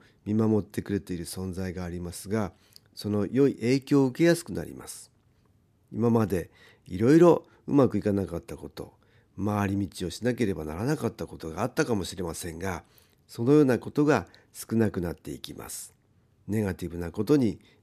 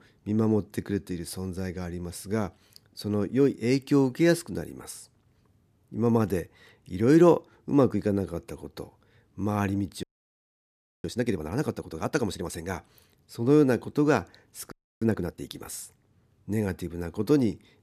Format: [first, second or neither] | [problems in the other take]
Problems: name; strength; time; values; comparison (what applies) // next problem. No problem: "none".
first | audio freezing; at 10 s for 1 s and at 15 s